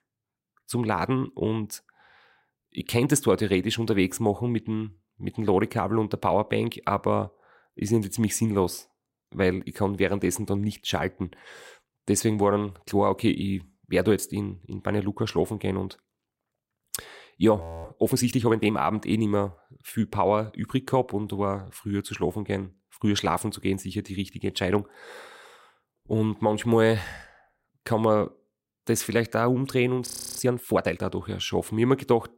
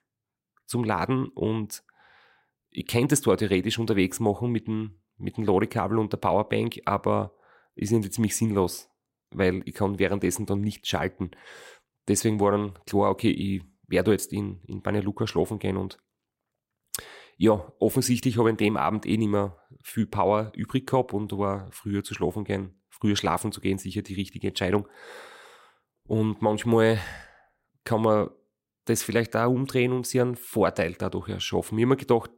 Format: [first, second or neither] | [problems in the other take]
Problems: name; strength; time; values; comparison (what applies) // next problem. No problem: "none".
second | audio freezing; at 18 s and at 30 s